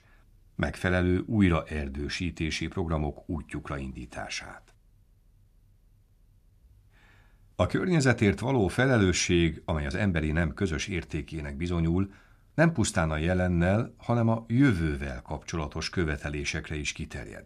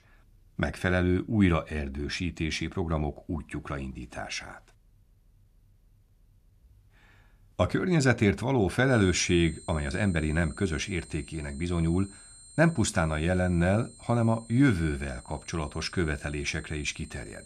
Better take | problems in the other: first | high-pitched whine; faint; from 9 s on; 8.5 kHz, 20 dB below the speech

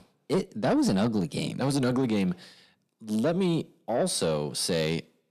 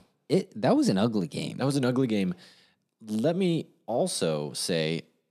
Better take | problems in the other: second | distortion; slight; 10 dB below the speech

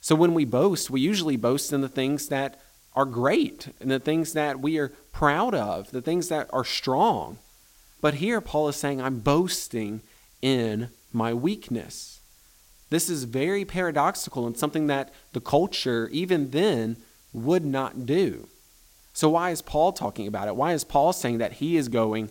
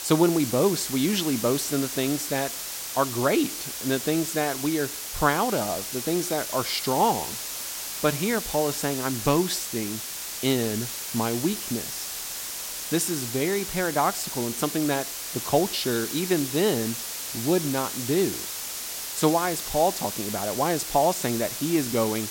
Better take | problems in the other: first | hiss; loud; throughout; 5 dB below the speech; faint in the first

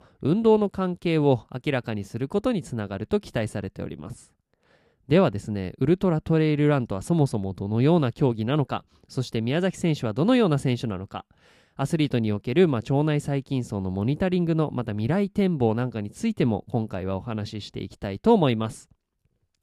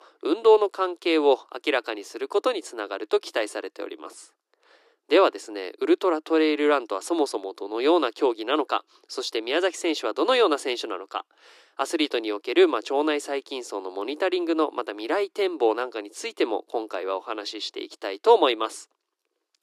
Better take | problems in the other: first | thin; very; fading below 300 Hz

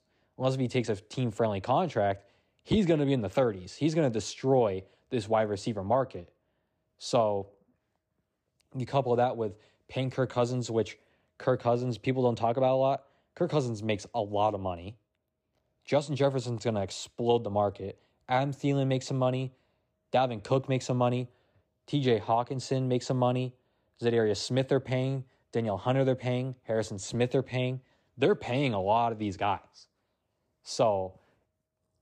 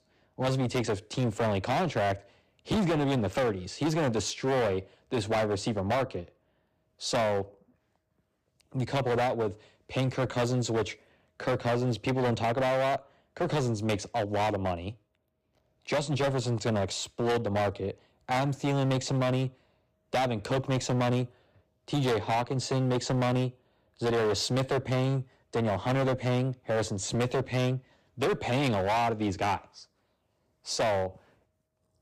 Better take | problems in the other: first | distortion; heavy; 17% of the sound clipped

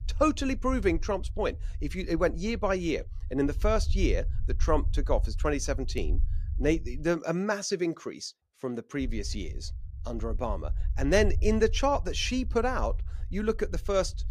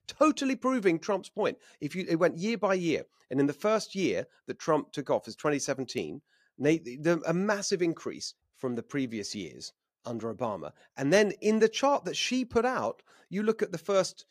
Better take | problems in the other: second | low rumble; faint; until 7 s and from 9 s on; 25 dB below the speech

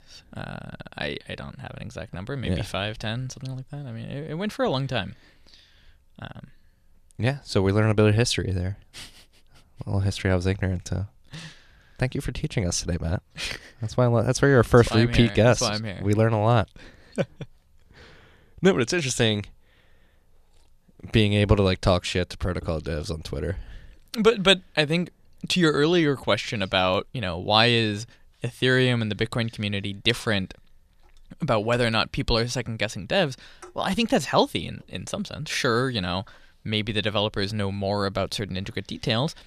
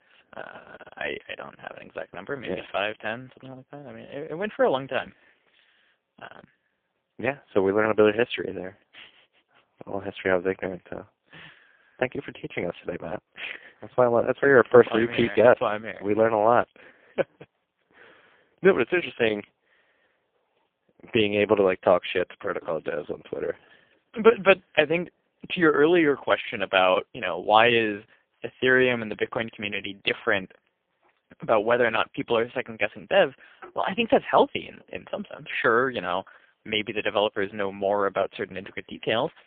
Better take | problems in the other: first | phone-call audio; poor line; nothing above 3.5 kHz

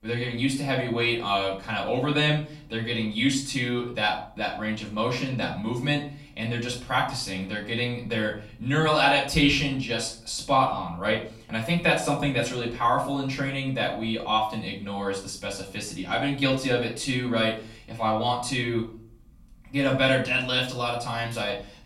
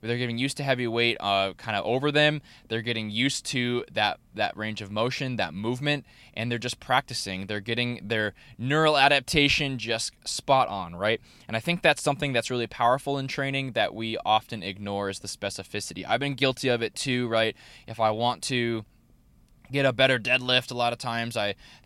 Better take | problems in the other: second | off-mic speech; far // room echo; slight; dies away in 0.4 s

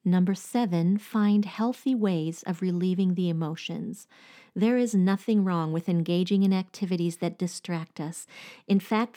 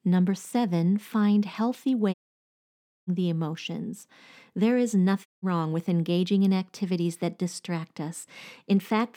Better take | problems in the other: first | audio cutting out; at 2 s for 1 s and at 5.5 s

